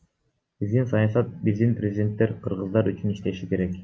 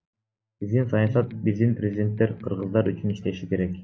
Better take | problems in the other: first | noise reduction (neural mask model DeepFilterNet 3)

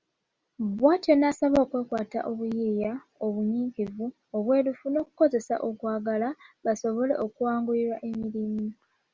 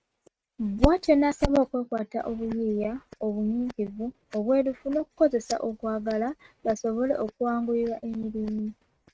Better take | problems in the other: first | noise reduction (neural mask model RNNoise)

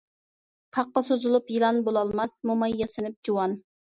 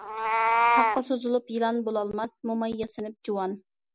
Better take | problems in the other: first | background sound (Meow); 1 dB above the speech

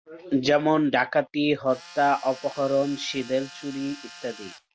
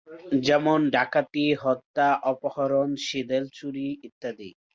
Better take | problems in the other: second | background sound (Tools); 19 dB below the speech

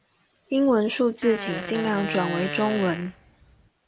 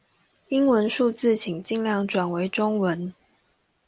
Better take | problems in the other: second | background sound (Fart); 8 dB below the speech

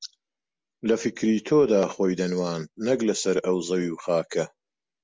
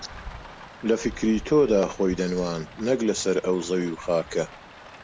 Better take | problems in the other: first | background sound (Rain); 17 dB below the speech

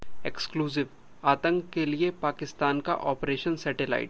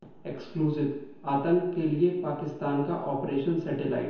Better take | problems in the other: first | room echo; dies away in 1 s

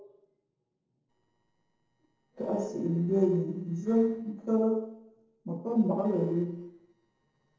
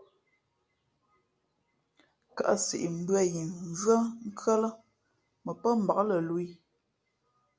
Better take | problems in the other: second | noise reduction (neural separator model SepFormer DNS4)

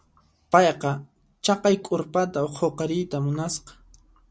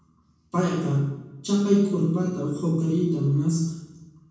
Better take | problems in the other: first | room echo; dies away in 1.1 s

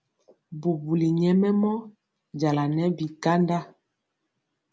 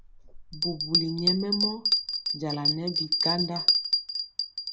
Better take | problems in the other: first | background sound (Bell); 5 dB above the speech

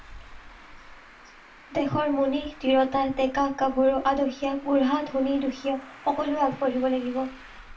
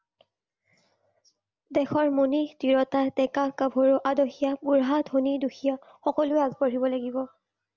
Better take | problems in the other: second | background sound (Traffic noise, roadway noise); 20 dB below the speech // room echo; dies away in 0.2 s

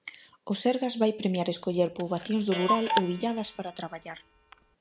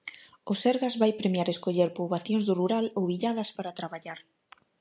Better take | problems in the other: second | background sound (Clock); 5 dB below the speech

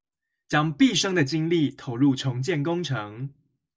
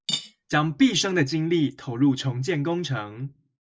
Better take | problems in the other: first | noise reduction (neural mask model Resemble Enhance denoiser)

